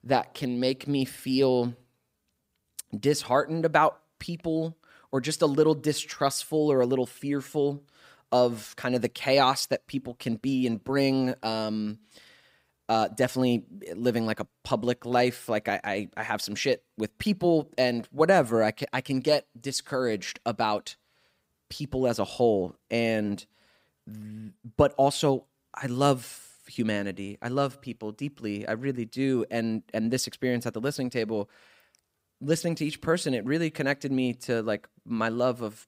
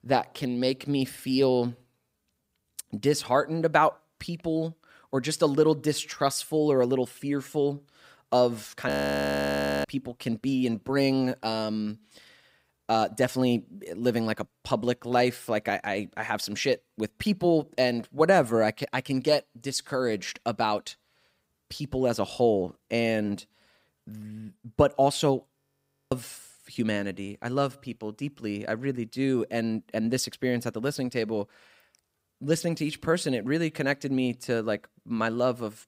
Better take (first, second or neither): first